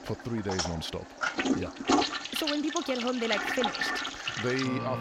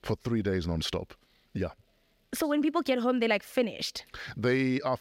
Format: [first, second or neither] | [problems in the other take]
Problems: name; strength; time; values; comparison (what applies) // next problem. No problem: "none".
second | household noises; very loud; throughout; 2 dB above the speech